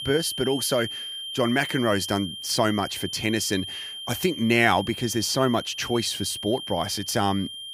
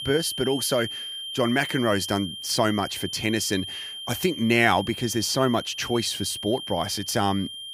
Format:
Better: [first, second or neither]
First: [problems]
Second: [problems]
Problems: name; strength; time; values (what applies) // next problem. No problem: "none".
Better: neither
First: high-pitched whine; loud; throughout; 3 kHz, 8 dB below the speech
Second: high-pitched whine; loud; throughout; 3 kHz, 8 dB below the speech